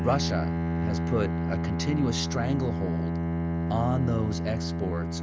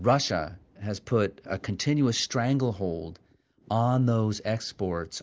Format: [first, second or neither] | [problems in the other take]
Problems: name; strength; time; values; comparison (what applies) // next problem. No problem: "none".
second | background sound (Bowed string instrument); 2 dB above the speech